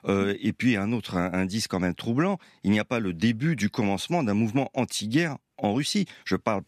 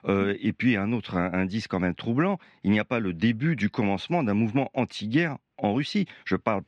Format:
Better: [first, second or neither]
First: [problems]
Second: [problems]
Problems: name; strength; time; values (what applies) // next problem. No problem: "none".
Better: first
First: none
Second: muffled; slightly; fading above 2.5 kHz